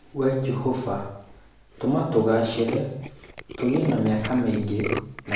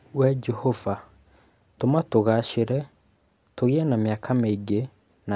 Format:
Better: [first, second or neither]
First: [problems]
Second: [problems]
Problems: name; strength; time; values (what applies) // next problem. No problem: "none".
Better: second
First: background sound (Tools); 11 dB below the speech // room echo; dies away in 0.7 s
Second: none